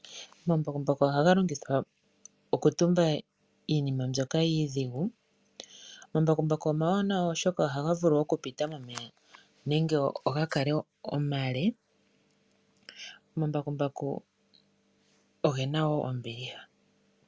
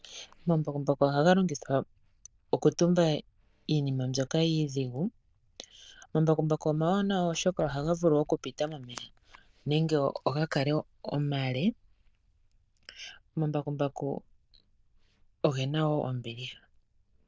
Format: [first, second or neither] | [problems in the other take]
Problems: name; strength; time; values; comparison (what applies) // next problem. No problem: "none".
first | noise reduction (neural diffusion model UNIVERSE++)